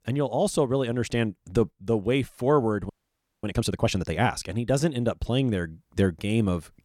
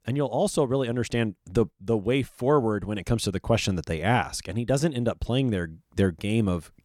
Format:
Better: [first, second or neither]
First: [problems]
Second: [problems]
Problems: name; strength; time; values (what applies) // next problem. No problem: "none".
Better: second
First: audio freezing; at 3 s for 0.5 s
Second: none